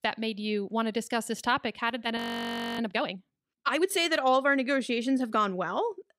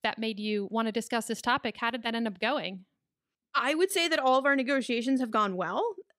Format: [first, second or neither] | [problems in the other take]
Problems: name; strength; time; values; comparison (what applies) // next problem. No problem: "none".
second | audio freezing; at 2 s for 0.5 s